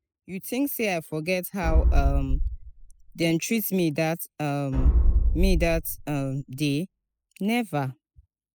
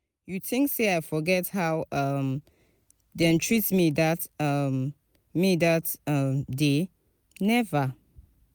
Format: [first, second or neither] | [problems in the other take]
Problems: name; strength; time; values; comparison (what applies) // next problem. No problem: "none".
second | noise reduction (classical method spectral subtraction)